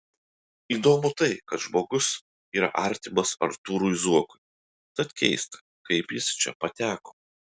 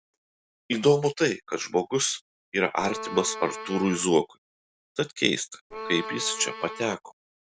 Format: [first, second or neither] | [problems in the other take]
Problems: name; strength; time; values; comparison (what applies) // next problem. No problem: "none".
first | background sound (Bowed string instrument); 9 dB below the speech